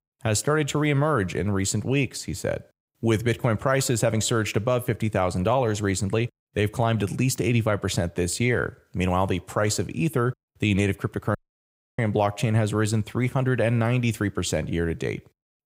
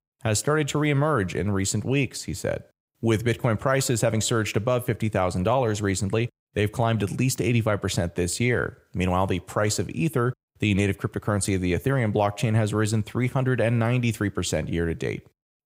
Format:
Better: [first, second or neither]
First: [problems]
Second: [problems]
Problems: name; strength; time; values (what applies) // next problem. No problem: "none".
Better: second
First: audio cutting out; at 11 s for 0.5 s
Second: none